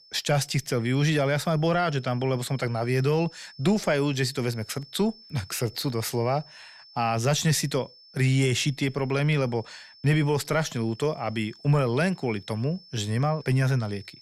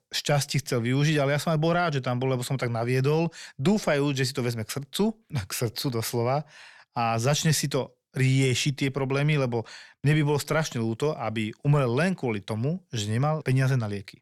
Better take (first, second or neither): second